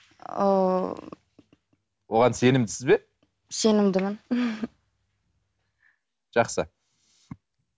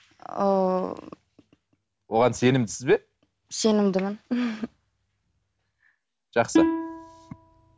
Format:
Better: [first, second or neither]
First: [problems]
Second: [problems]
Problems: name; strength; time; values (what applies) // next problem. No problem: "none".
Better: first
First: none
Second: background sound (Plucked string instrument); 1 dB above the speech